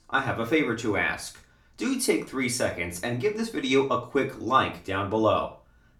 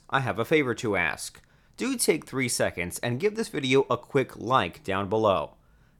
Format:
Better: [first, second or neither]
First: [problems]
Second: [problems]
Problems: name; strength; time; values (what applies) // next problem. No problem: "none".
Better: second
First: room echo; very slight; dies away in 0.3 s // off-mic speech; far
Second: none